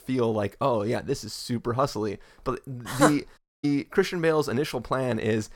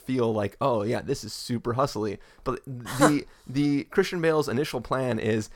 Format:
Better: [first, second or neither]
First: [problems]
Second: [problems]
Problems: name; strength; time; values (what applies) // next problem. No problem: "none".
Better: second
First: audio cutting out; at 3.5 s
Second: none